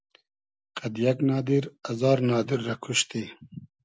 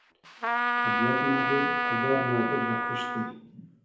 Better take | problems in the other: first | background sound (Trumpet); 3 dB above the speech // room echo; dies away in 2.1 s

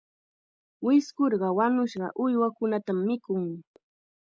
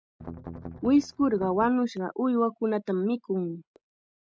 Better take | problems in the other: first | noise reduction (neural mask model RNNoise)

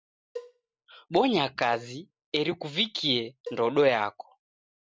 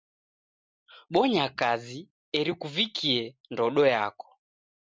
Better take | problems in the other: second | background sound (Cowbell); 19 dB below the speech

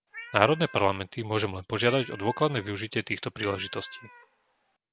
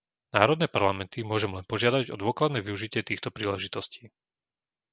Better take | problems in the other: second | background sound (Cat); 18 dB below the speech

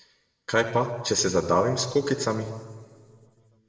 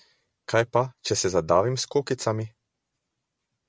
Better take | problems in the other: second | room echo; dies away in 2 s

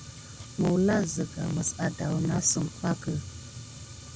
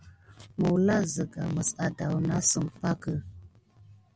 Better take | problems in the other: second | background sound (Fire); 14 dB below the speech

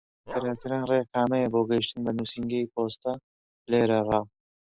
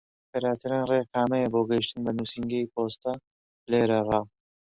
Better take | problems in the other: second | noise reduction (neural mask model DeepFilterNet 3)

